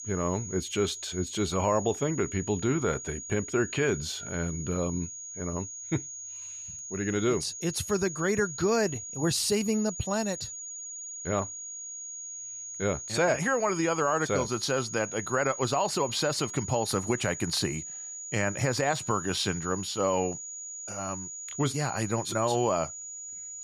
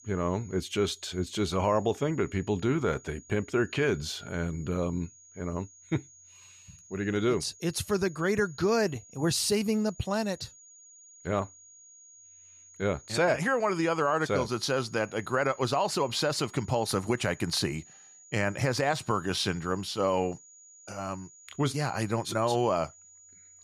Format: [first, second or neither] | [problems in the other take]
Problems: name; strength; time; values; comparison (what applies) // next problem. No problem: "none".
second | high-pitched whine; loud; throughout; 6.5 kHz, 8 dB below the speech; faint in the second